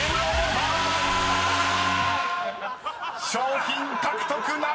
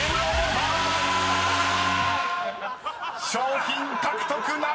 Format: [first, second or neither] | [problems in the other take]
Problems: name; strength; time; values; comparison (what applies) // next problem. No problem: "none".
second | background sound (Breathing); 20 dB below the speech